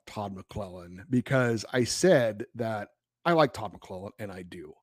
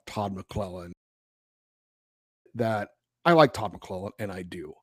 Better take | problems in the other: first | audio cutting out; at 1 s for 1.5 s

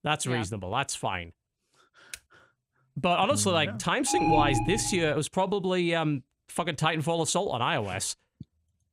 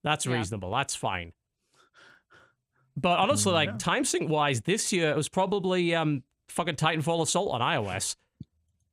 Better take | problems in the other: second | keyboard typing; very faint; at 2 s; peak 15 dB below the speech // alarm; loud; from 4 to 5 s; peak 2 dB above the speech

